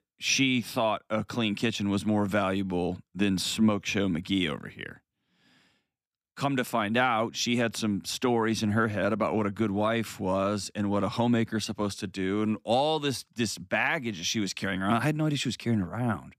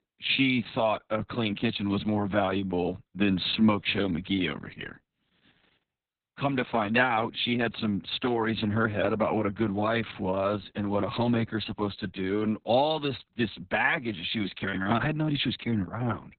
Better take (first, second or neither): first